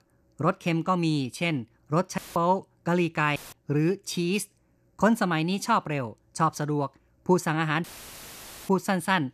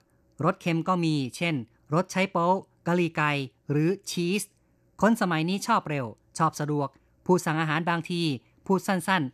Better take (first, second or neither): second